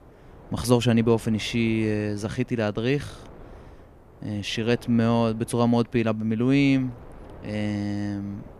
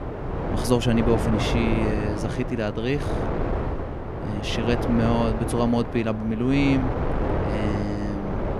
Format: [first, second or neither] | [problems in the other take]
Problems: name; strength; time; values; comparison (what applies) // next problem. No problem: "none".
first | wind noise on the microphone; heavy; 3 dB below the speech; occasional gusts in the first